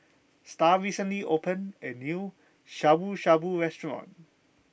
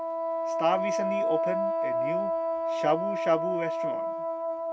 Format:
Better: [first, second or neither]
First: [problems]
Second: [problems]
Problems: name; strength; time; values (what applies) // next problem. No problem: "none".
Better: first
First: none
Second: background sound (Wind instrument, woodwind instrument); 4 dB above the speech